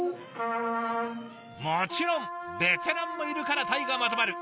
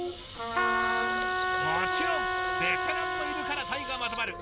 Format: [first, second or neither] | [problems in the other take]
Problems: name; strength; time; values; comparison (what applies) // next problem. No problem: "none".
first | background sound (Trumpet + Water tap, faucet / Liquid); 4 dB above the speech